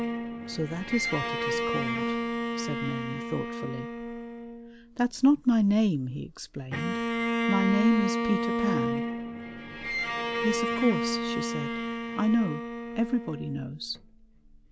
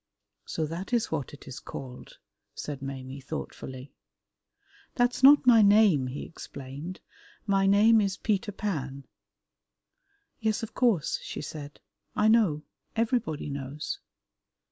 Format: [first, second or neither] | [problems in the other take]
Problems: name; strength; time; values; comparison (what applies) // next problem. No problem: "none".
second | background sound (Bowed string instrument); 2 dB below the speech